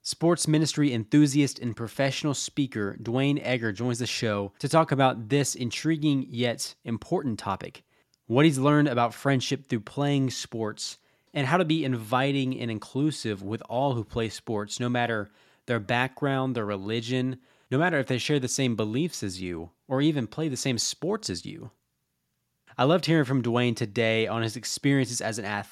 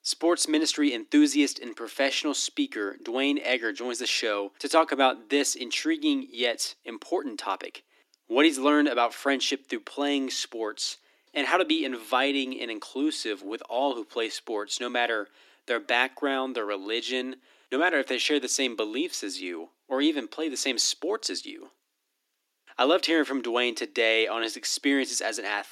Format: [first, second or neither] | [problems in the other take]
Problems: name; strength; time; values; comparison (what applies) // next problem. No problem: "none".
first | thin; very slightly; fading below 300 Hz